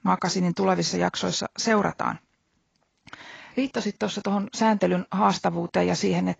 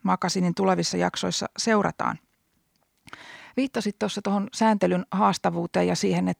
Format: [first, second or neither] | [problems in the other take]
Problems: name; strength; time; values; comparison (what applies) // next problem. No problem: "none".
second | garbled, watery; badly; nothing above 7.5 kHz